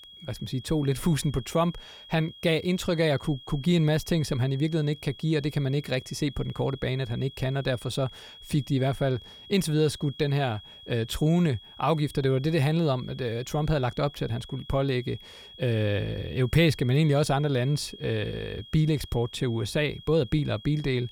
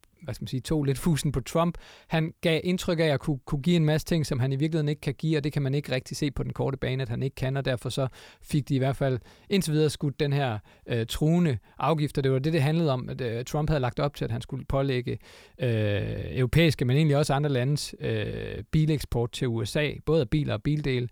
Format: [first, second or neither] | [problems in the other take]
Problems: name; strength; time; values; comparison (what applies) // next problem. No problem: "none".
second | high-pitched whine; noticeable; throughout; 3.5 kHz, 20 dB below the speech